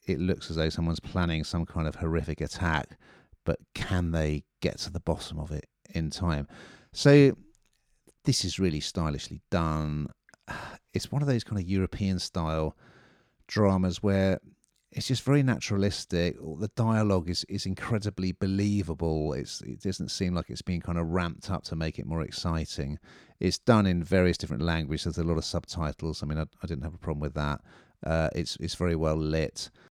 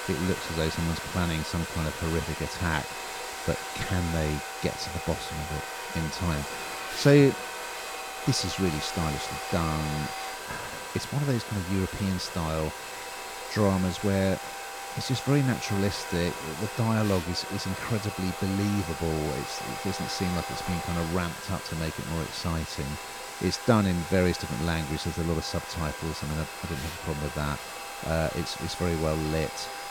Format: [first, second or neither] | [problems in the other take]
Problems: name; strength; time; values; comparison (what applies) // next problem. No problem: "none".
first | household noises; loud; throughout; 6 dB below the speech